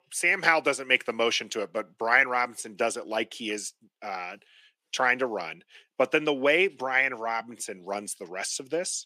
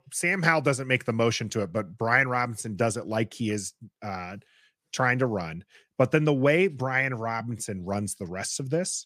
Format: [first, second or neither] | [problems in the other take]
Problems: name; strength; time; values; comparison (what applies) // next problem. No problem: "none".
second | thin; somewhat; fading below 300 Hz